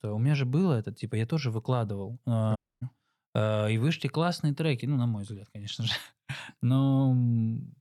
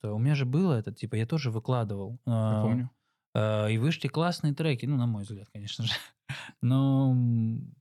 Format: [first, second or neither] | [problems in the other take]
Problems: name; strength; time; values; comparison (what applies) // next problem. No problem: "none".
second | audio cutting out; at 2.5 s